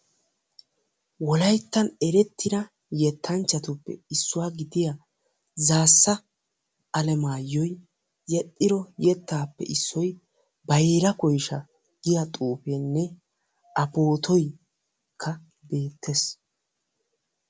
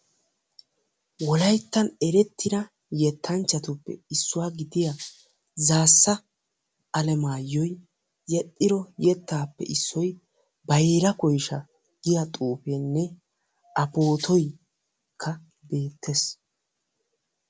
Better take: first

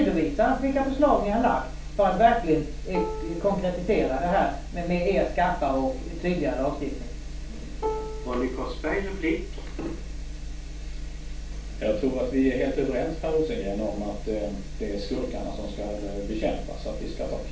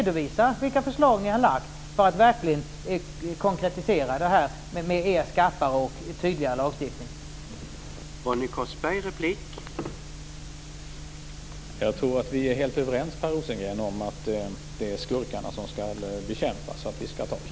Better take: second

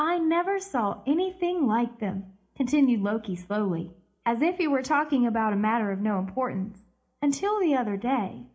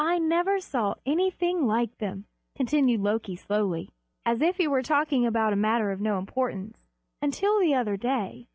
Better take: second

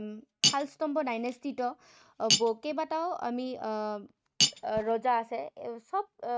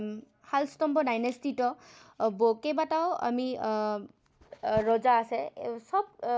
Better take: second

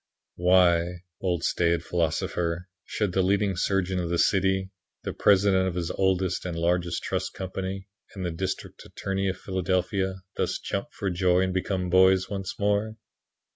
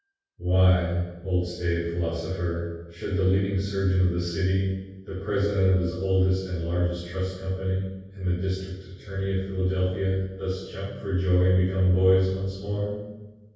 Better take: first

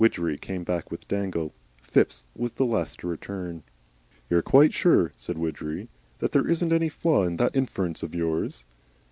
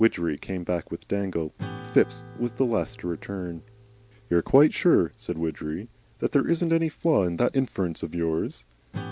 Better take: first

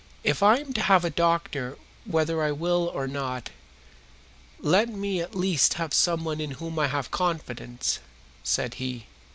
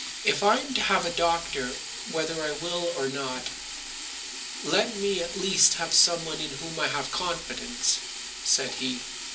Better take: first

